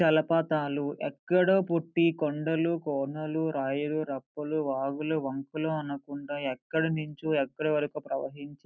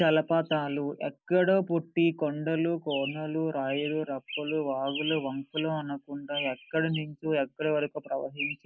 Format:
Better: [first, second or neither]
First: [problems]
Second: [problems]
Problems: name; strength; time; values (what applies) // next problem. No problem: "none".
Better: first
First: none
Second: noise reduction (neural mask model Resemble Enhance denoiser)